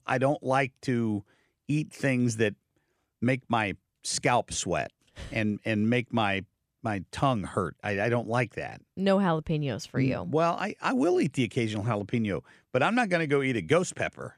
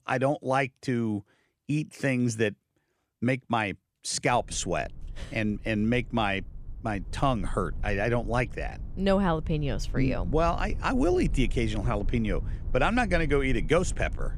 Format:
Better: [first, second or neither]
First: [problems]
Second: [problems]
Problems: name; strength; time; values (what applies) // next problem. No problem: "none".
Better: first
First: none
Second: low rumble; faint; from 4.5 s on; 25 dB below the speech